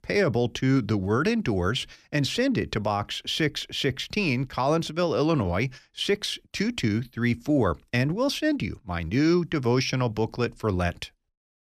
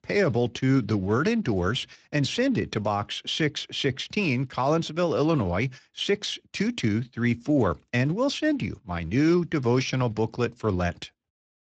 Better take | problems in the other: first | garbled, watery; slightly

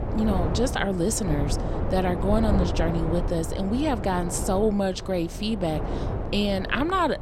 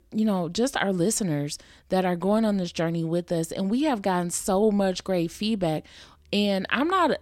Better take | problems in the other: second | wind noise on the microphone; heavy; 7 dB below the speech

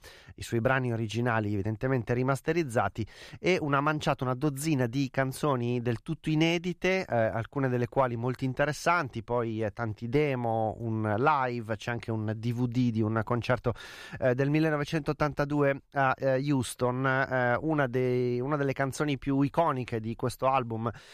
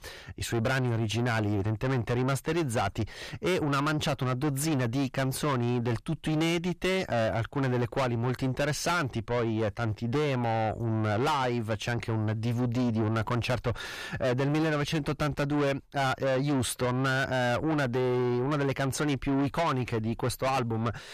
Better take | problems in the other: first | distortion; heavy; 7 dB below the speech

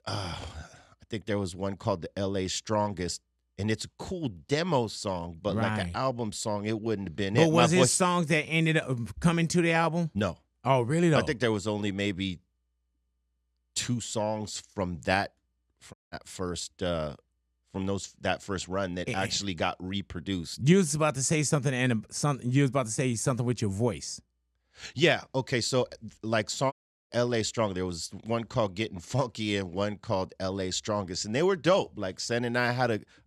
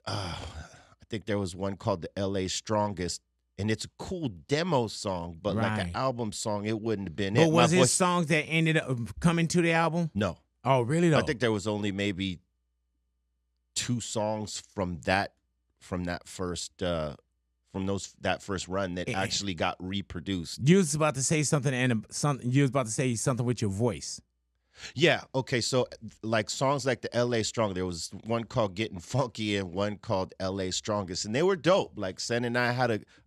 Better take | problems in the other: second | audio cutting out; at 16 s and at 27 s

